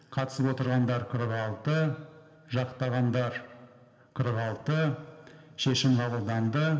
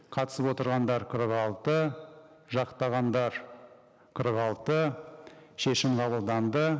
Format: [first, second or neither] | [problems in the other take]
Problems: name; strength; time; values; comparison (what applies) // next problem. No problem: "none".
second | room echo; dies away in 1.9 s